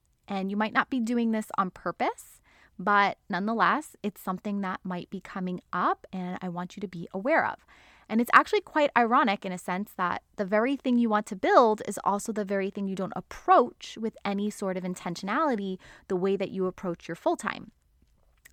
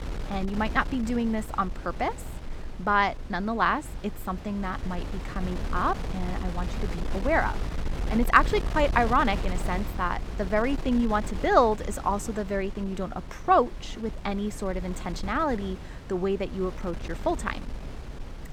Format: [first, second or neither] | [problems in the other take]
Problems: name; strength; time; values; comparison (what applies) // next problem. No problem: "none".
first | wind noise on the microphone; occasional gusts; 15 dB below the speech